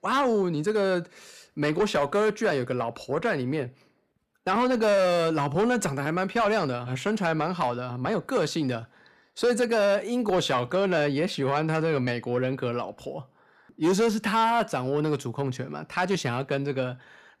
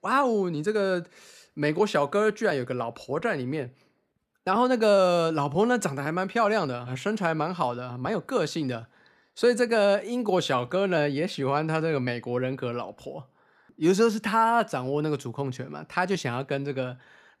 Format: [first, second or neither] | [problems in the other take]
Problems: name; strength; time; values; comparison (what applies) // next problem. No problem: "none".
second | distortion; slight; 10 dB below the speech